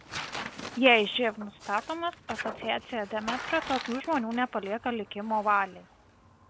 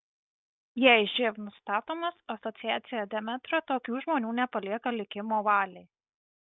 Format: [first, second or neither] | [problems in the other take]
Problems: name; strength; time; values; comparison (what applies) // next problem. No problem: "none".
second | background sound (Tearing); 12 dB below the speech